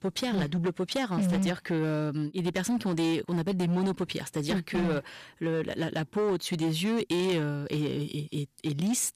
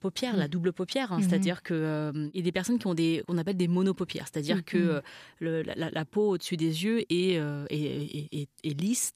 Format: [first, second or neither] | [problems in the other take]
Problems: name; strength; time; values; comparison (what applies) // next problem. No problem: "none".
second | distortion; slight; 15% of the sound clipped